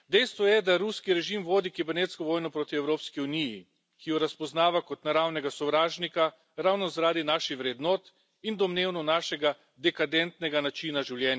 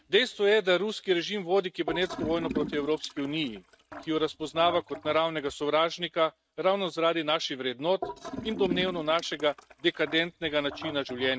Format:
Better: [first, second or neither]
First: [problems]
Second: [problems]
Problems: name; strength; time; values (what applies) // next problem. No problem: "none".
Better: first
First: none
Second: noise reduction (neural mask model RNNoise)